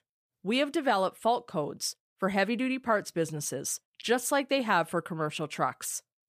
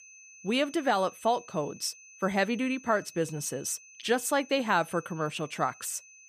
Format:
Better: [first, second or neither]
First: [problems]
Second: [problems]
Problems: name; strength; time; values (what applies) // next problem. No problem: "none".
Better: first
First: none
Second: high-pitched whine; faint; throughout; 2.5 kHz, 20 dB below the speech